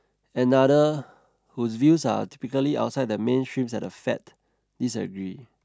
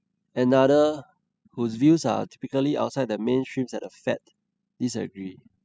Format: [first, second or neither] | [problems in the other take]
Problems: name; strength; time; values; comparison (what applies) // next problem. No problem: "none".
first | noise reduction (classical method spectral subtraction)